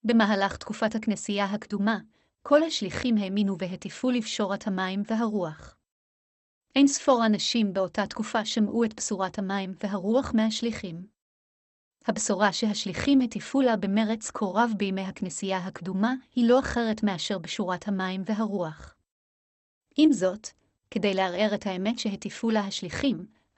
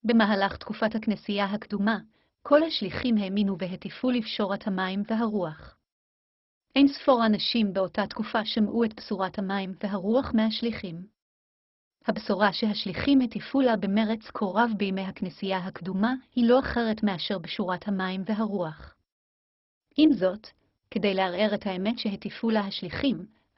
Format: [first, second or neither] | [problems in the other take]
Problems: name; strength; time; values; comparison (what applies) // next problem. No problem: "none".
first | garbled, watery; badly; nothing above 5.5 kHz; slightly in the first